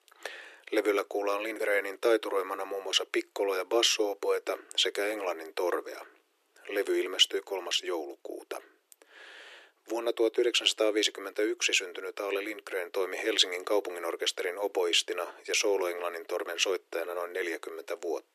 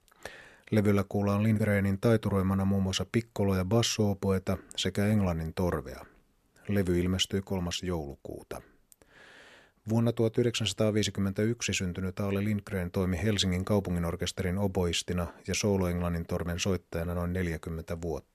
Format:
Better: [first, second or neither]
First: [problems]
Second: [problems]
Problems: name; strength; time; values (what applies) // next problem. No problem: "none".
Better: second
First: thin; very; fading below 300 Hz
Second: none